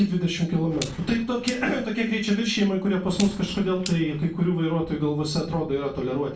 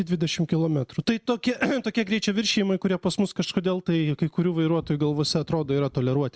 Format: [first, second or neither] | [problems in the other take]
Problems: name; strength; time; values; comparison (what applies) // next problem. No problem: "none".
second | background sound (Clock); 16 dB below the speech // room echo; dies away in 0.3 s